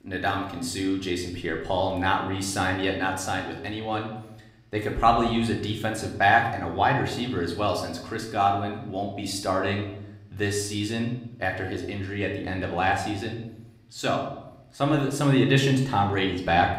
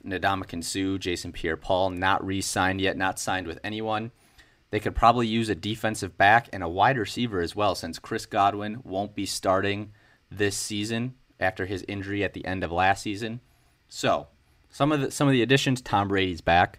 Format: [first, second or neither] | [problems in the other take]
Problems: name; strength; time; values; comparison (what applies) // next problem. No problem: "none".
second | room echo; slight; dies away in 0.7 s